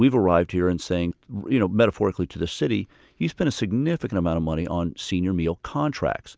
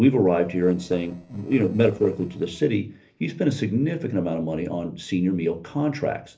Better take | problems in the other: first | noise reduction (neural separator model SepFormer DNS4)

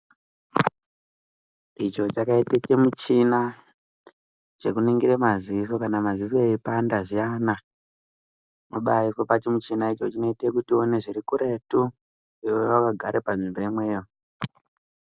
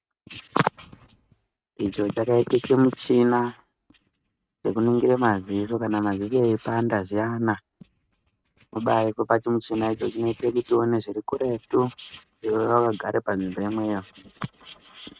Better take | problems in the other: first | noise reduction (neural mask model RNNoise)

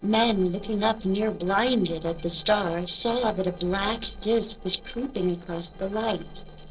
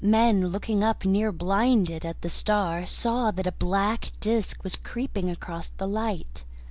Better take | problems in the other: second | noise reduction (neural separator model SepFormer DNS4)

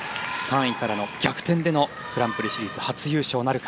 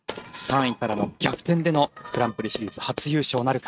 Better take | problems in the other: first | noise reduction (neural mask model RNNoise)

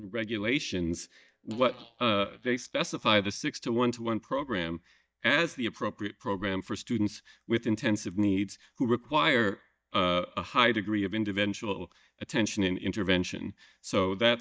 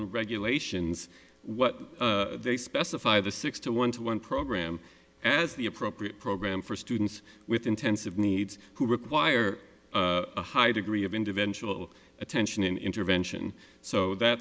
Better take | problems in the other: second | noise reduction (neural mask model DeepFilterNet 3)

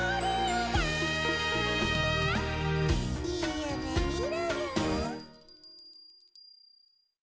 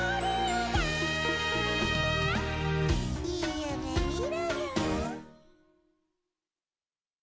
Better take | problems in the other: second | background sound (Wind instrument, woodwind instrument + Bell); 19 dB below the speech

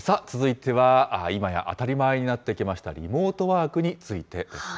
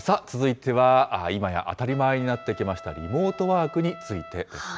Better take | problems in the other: first | background sound (Trumpet); 20 dB below the speech

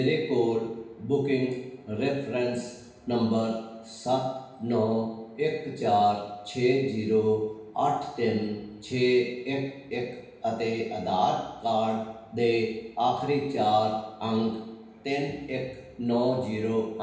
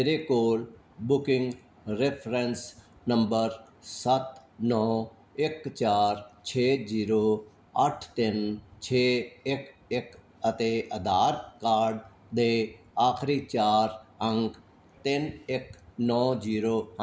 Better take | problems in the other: second | room echo; dies away in 0.9 s

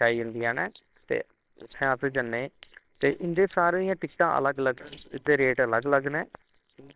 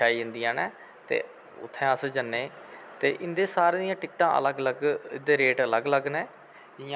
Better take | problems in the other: second | noise reduction (neural separator model SepFormer WHAMR!)

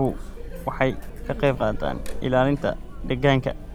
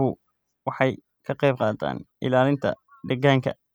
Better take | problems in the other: second | background sound (Chatter); 7 dB below the speech

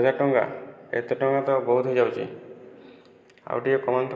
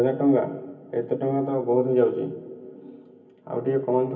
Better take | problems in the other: first | room echo; dies away in 0.3 s

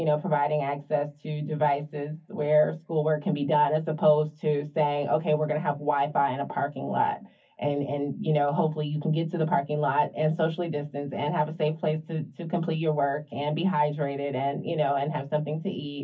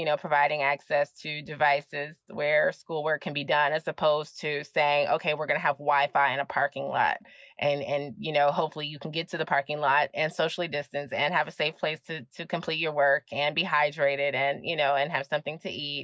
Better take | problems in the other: second | room echo; dies away in 0.3 s

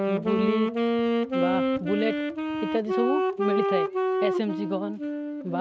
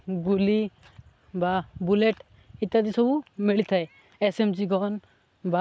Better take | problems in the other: second | background sound (Wind instrument, woodwind instrument); 4 dB above the speech

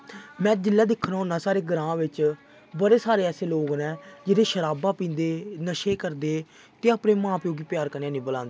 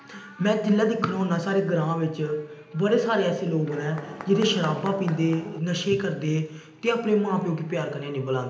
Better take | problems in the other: first | background sound (Mechanisms); 14 dB below the speech // room echo; dies away in 0.8 s

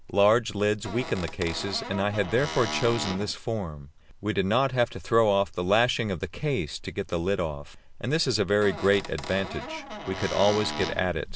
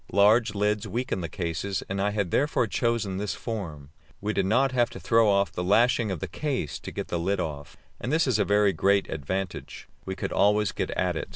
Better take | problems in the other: second | background sound (Squeak / Cupboard open or close); 9 dB below the speech

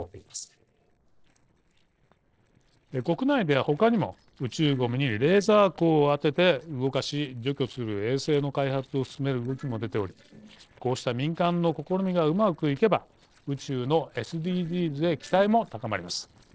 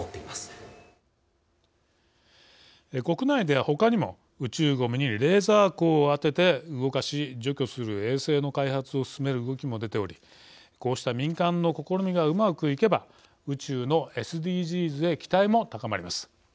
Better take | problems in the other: second | noise reduction (neural separator model SepFormer DNS4)

